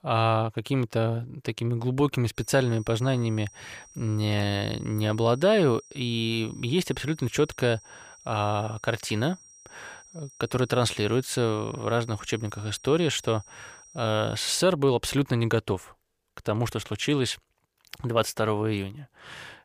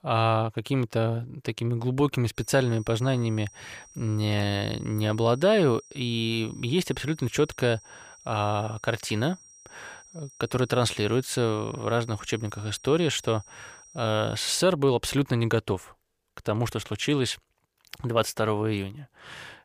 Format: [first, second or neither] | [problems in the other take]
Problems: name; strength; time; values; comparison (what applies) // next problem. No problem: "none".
neither | high-pitched whine; faint; from 2.5 to 14 s; 5.5 kHz, 25 dB below the speech; the same in both